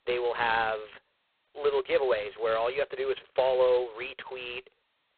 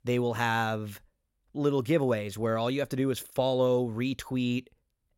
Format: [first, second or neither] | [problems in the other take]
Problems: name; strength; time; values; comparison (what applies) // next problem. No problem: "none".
second | phone-call audio; poor line; nothing above 4 kHz